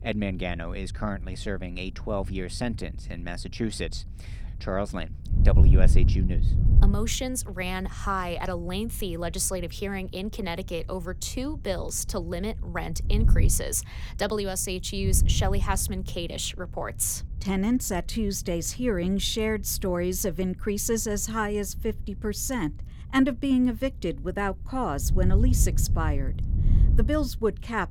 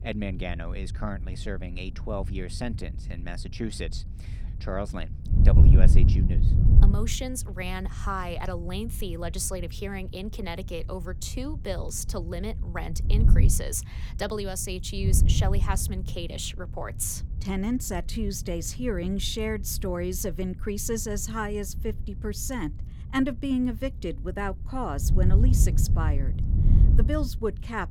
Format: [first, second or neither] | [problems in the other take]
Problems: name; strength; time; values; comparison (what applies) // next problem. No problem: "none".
first | wind noise on the microphone; heavy; 9 dB below the speech; occasional gusts in the first